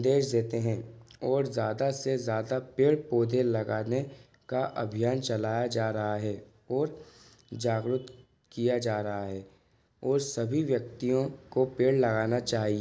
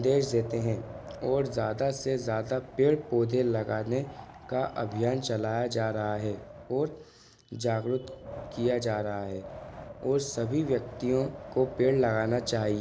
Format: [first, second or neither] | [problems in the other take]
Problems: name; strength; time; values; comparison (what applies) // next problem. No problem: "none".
first | background sound (Wind); 15 dB below the speech